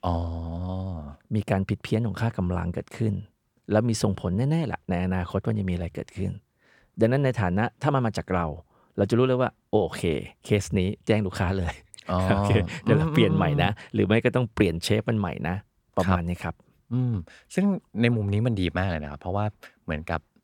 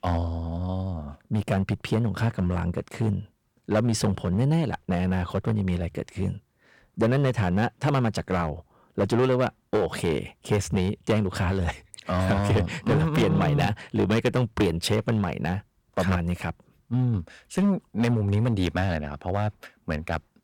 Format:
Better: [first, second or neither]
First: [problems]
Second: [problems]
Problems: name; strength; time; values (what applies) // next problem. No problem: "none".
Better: first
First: none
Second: distortion; slight; 6% of the sound clipped